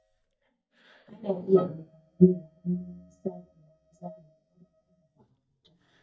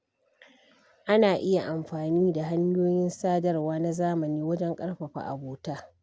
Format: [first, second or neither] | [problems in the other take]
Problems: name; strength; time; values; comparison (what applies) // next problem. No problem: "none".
second | noise reduction (neural mask model DeepFilterNet 3)